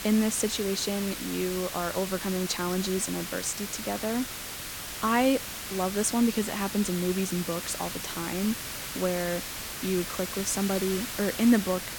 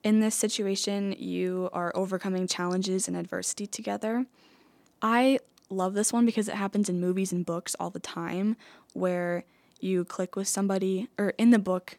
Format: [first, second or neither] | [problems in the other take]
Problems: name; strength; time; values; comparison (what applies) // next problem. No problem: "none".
second | hiss; loud; throughout; 5 dB below the speech